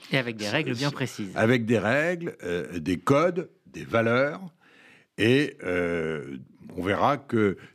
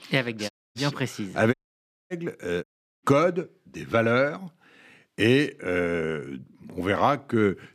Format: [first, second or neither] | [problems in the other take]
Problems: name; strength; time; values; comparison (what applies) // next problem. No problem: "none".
first | audio cutting out; at 0.5 s, at 1.5 s for 0.5 s and at 2.5 s